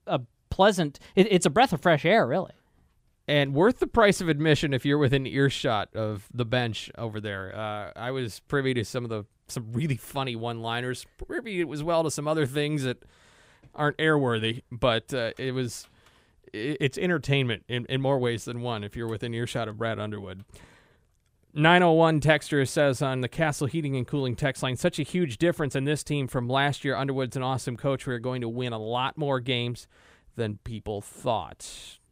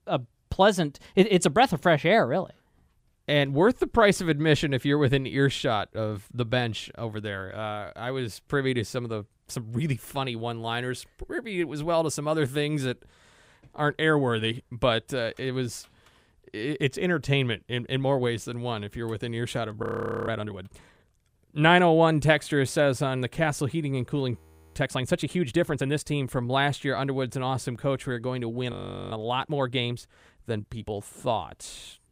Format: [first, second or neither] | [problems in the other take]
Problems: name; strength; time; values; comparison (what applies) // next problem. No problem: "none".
first | audio freezing; at 20 s, at 24 s and at 29 s